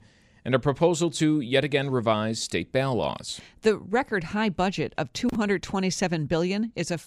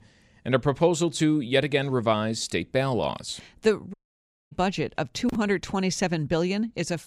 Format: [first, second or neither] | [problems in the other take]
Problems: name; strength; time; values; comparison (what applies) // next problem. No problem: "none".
first | audio cutting out; at 4 s for 0.5 s